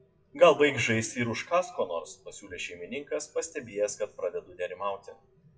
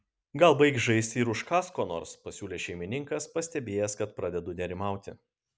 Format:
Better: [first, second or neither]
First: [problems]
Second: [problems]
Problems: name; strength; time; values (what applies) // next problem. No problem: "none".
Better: second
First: noise reduction (classical method WPE with log-MMSE)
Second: none